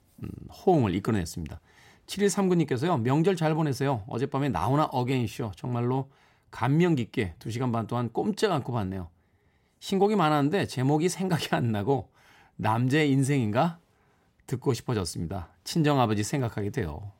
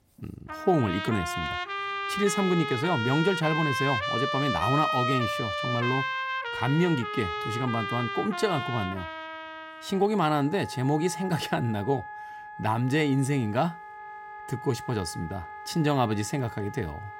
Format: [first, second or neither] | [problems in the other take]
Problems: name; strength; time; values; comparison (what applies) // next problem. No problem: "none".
first | background music; loud; throughout; 4 dB below the speech